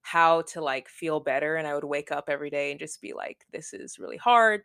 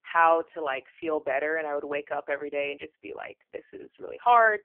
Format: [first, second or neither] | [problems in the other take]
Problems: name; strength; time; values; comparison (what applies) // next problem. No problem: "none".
first | phone-call audio; poor line; nothing above 3 kHz